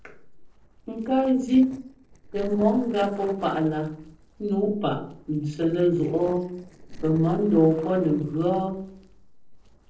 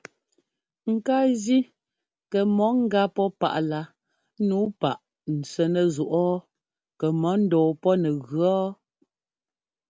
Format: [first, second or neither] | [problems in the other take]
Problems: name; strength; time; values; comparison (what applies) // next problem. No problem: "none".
second | noise reduction (neural separator model SepFormer DNS4)